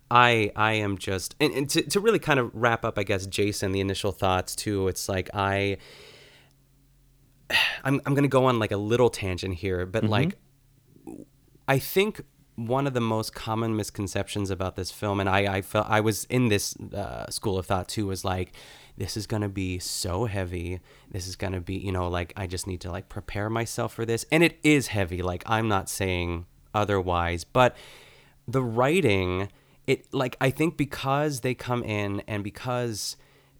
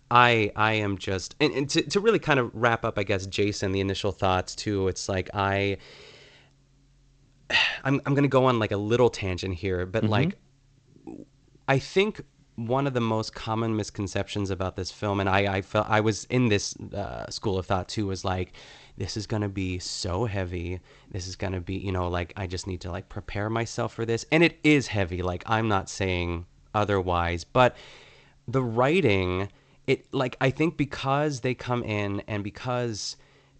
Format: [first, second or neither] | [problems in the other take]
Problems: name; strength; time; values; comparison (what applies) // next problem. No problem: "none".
first | garbled, watery; slightly; nothing above 8 kHz